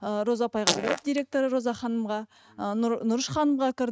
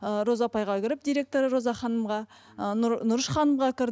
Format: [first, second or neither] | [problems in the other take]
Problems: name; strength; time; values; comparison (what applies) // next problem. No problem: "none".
second | noise reduction (neural mask model RNNoise)